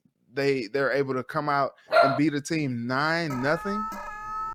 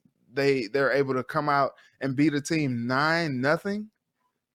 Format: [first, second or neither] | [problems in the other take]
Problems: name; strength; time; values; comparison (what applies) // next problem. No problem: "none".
second | dog barking; loud; at 2 s; peak 6 dB above the speech // alarm; noticeable; from 3.5 s on; peak 5 dB below the speech